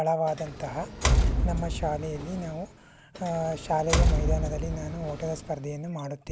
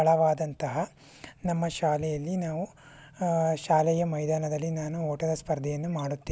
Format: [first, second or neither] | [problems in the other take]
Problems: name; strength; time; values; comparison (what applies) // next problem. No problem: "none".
second | background sound (Door); 3 dB above the speech